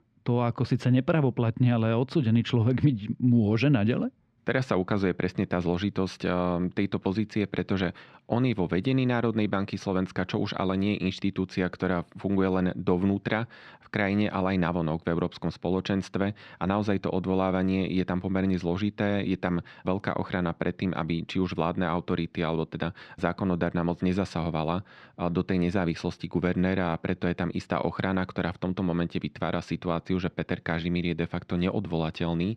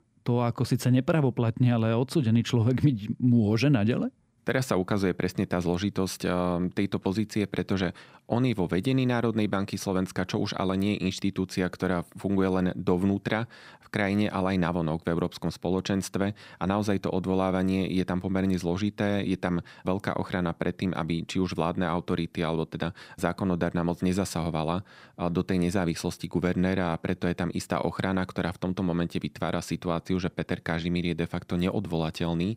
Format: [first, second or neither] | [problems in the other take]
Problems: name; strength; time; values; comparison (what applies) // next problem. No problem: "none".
second | muffled; very slightly; fading above 3.5 kHz